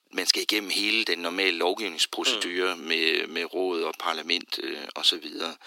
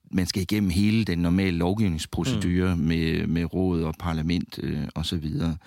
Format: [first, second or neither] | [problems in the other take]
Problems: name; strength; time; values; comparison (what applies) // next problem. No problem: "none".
second | thin; very; fading below 350 Hz